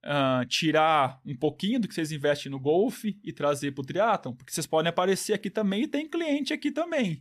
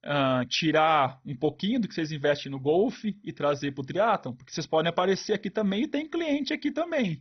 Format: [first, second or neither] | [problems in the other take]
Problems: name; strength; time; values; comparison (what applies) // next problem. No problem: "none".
first | garbled, watery; badly; nothing above 6 kHz